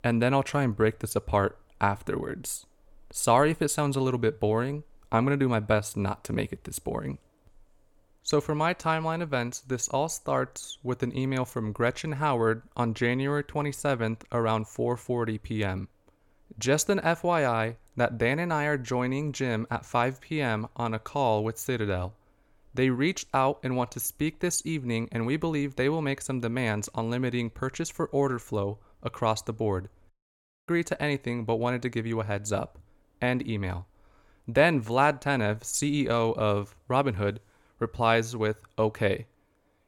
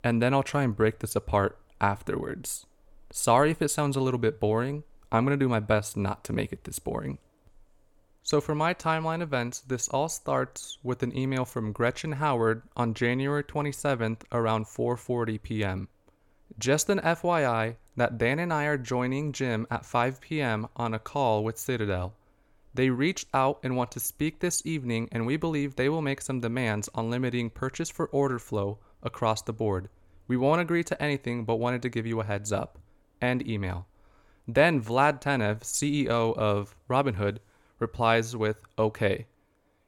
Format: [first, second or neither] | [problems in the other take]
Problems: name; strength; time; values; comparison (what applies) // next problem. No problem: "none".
second | audio cutting out; at 30 s for 0.5 s